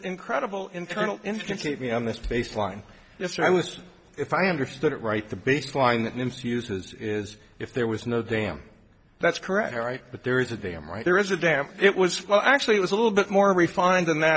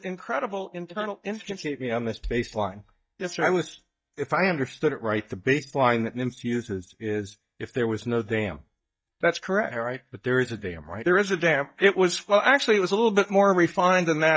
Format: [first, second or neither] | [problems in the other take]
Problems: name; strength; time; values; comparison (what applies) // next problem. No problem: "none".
first | noise reduction (neural mask model DeepFilterNet 3)